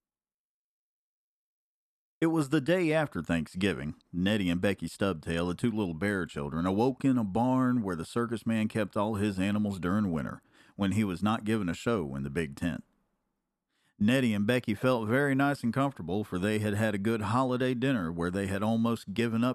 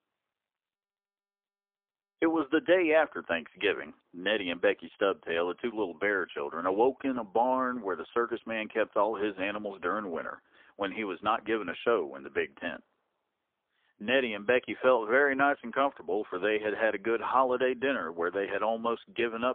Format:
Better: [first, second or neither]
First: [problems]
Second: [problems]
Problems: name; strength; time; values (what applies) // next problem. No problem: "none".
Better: first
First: none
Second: phone-call audio; poor line; nothing above 3.5 kHz